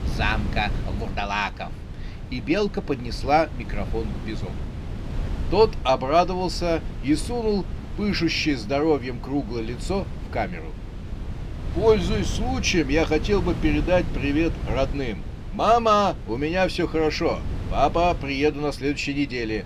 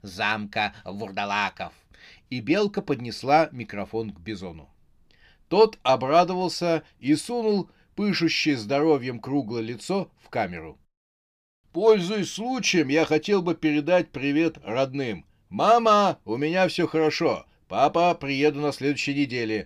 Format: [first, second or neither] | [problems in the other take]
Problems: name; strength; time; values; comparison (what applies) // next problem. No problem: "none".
second | wind noise on the microphone; occasional gusts; 15 dB below the speech